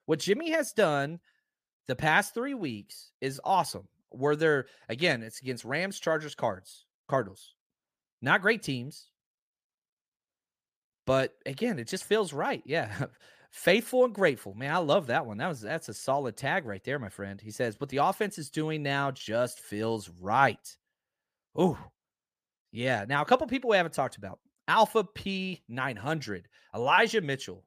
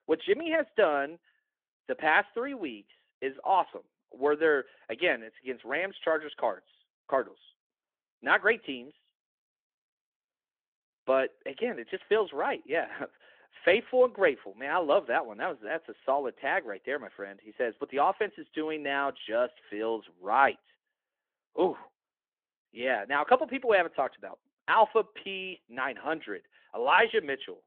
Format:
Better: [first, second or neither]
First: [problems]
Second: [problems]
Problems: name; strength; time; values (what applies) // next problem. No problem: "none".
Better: first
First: none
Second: phone-call audio